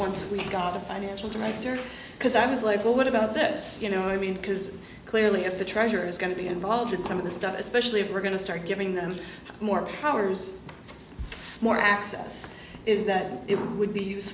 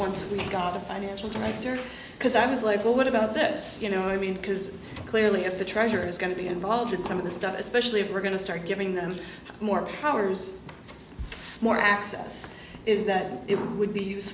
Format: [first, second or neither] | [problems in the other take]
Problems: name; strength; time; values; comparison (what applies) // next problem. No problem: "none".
first | background sound (Drawer open or close); 17 dB below the speech